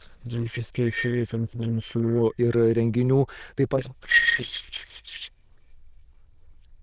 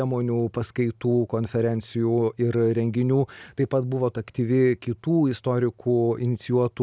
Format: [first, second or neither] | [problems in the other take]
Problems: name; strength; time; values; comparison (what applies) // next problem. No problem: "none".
second | noise reduction (neural diffusion model UNIVERSE++)